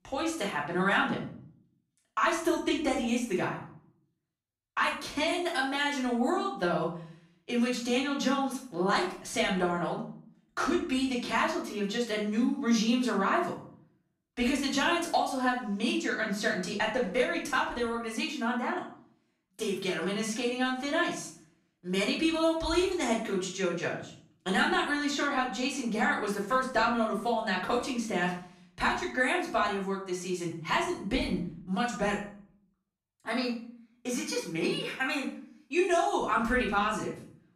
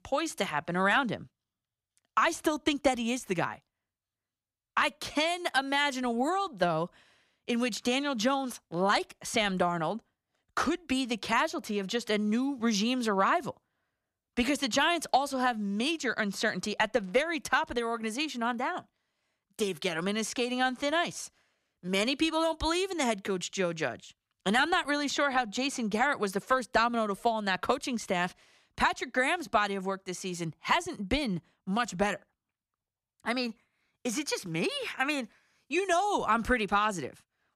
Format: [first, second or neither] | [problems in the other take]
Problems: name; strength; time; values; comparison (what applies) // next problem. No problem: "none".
second | room echo; noticeable; dies away in 0.5 s // off-mic speech; far